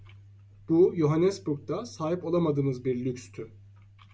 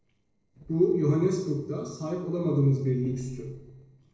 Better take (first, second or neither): first